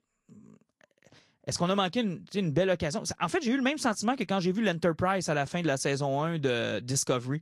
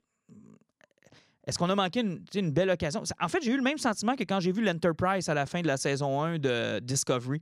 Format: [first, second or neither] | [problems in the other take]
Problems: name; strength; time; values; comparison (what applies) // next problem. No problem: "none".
second | garbled, watery; slightly; nothing above 11 kHz